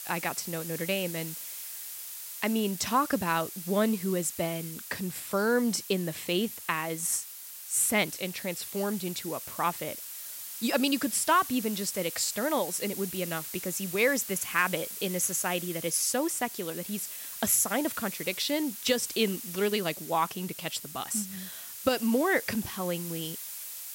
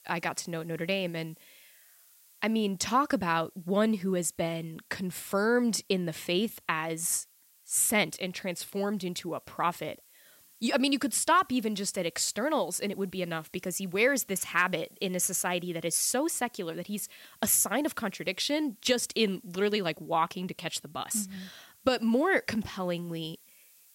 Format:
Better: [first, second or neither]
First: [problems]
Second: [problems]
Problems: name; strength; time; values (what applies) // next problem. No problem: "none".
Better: second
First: hiss; loud; throughout; 8 dB below the speech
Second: hiss; faint; throughout; 25 dB below the speech